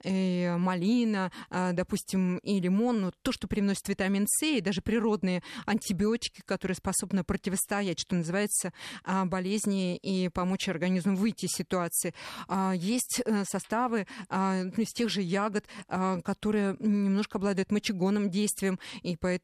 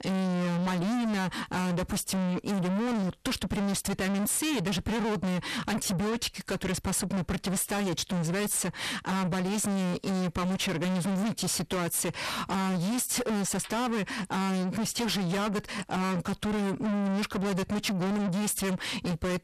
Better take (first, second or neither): first